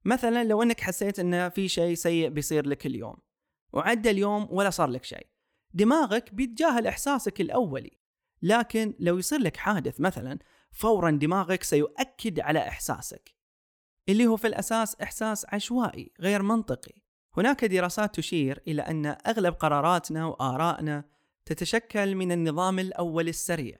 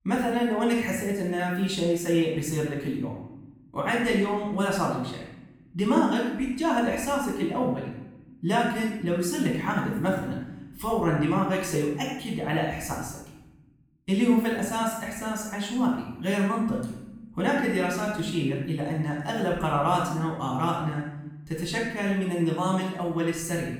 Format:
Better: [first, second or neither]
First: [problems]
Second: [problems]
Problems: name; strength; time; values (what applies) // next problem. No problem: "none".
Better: first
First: none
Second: off-mic speech; far // room echo; noticeable; dies away in 0.8 s